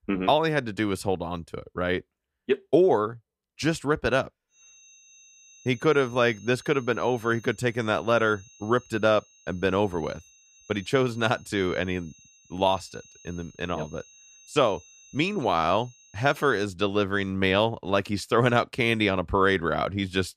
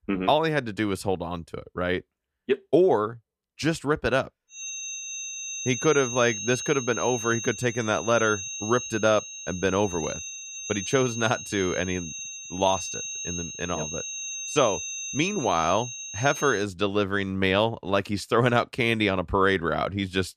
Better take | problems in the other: first | high-pitched whine; loud; from 4.5 to 17 s; 6.5 kHz, 7 dB below the speech; faint in the first

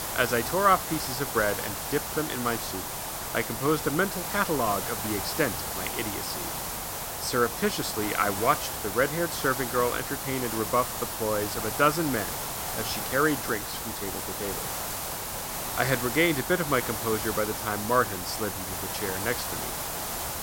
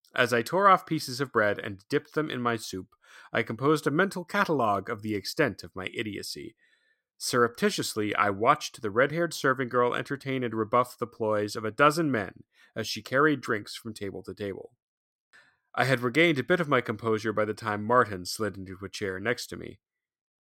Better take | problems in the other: second | hiss; loud; throughout; 3 dB below the speech

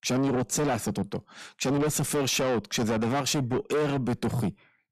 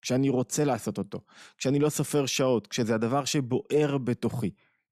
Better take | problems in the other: second | distortion; heavy; 7 dB below the speech

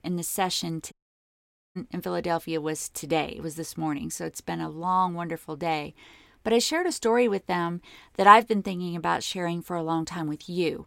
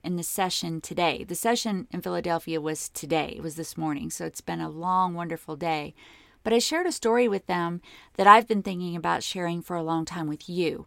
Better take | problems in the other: second | audio cutting out; at 1 s for 1 s

